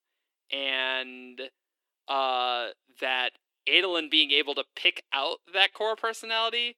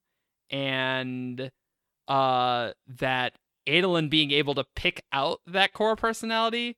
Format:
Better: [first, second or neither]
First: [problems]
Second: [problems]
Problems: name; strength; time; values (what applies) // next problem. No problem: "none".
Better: second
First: thin; somewhat; fading below 300 Hz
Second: none